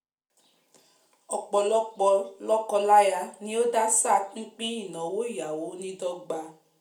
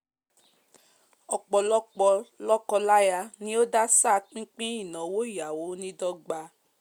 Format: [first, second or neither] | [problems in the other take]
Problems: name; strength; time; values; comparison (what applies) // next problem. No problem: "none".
second | room echo; dies away in 0.4 s